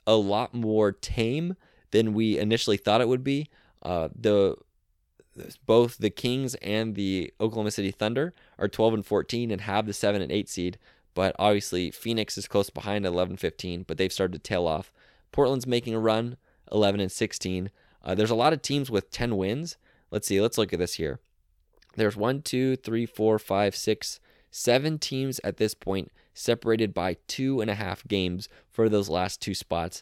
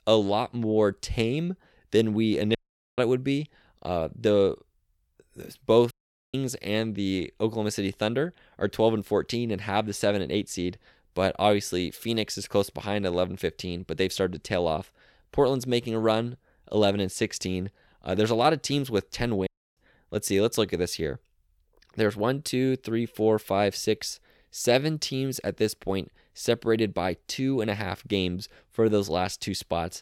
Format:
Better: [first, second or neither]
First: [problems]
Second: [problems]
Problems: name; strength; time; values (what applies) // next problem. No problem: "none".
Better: first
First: none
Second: audio cutting out; at 2.5 s, at 6 s and at 19 s